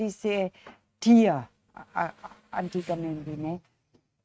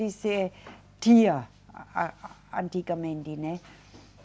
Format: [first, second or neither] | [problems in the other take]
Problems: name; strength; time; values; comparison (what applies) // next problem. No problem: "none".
second | noise reduction (neural mask model RNNoise)